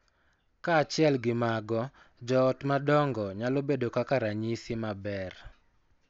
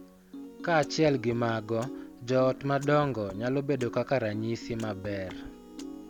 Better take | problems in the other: first | background sound (Piano); 14 dB below the speech

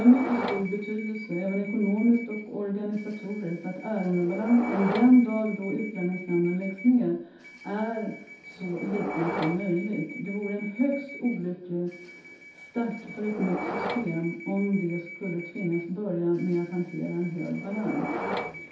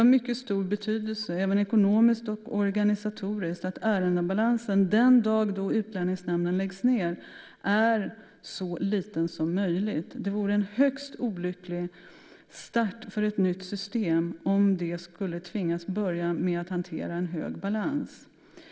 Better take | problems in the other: second | background sound (Subway, metro, underground / Door); 10 dB below the speech // room echo; dies away in 0.6 s

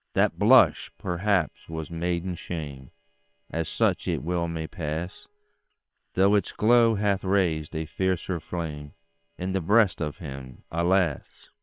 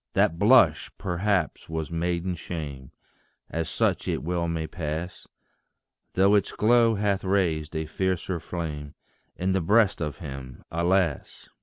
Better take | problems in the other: second | noise reduction (neural separator model SepFormer WHAM!)

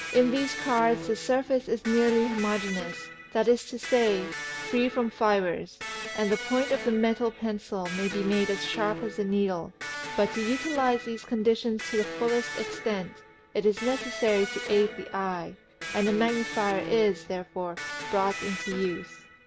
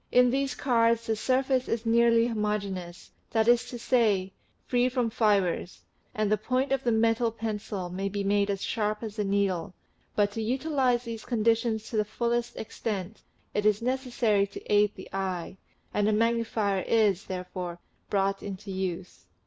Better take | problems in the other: second | background sound (Electric guitar); 10 dB below the speech

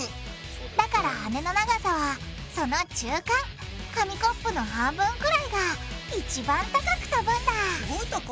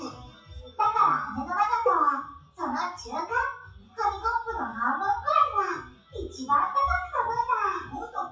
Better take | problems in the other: first | noise reduction (classical method WPE with log-MMSE)

